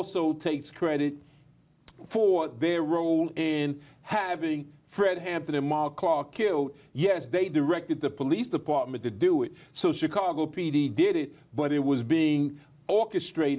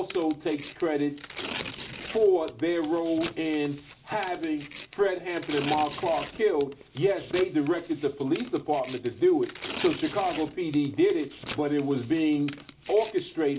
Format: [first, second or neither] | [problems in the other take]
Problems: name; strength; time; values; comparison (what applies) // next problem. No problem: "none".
first | background sound (Tearing); 14 dB below the speech // room echo; dies away in 0.2 s